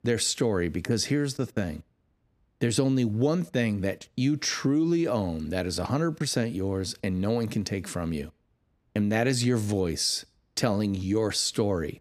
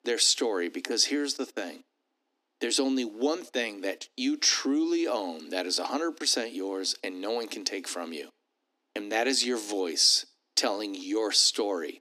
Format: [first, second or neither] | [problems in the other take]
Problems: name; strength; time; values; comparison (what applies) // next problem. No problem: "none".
first | thin; very slightly; fading below 250 Hz